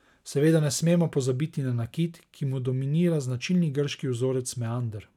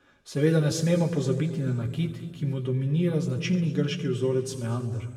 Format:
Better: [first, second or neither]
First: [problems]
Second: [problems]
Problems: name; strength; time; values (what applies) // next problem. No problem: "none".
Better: first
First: none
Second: room echo; dies away in 2 s